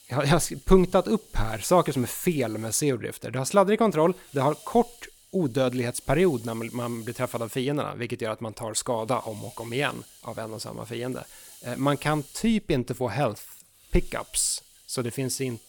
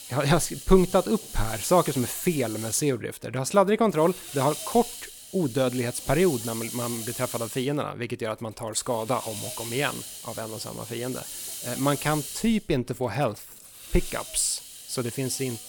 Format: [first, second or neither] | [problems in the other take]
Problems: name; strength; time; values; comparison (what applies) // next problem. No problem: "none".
first | hiss; loud; throughout; 9 dB below the speech; faint in the first